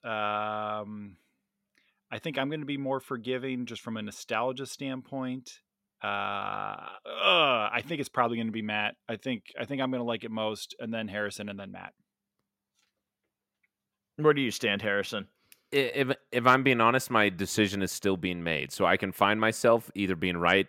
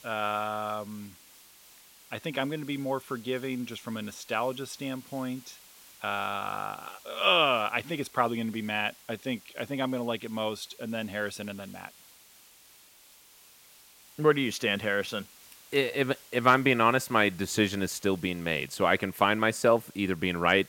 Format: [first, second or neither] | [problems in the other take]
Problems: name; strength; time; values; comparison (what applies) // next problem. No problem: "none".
first | hiss; faint; throughout; 25 dB below the speech